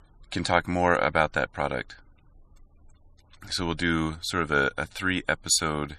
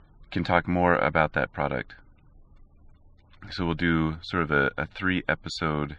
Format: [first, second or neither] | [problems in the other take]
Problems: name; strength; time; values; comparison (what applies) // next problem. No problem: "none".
first | muffled; slightly; fading above 3 kHz